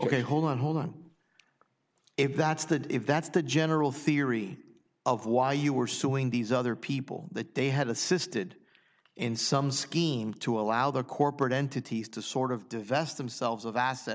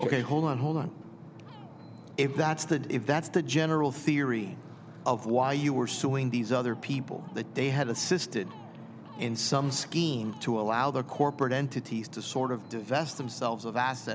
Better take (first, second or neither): first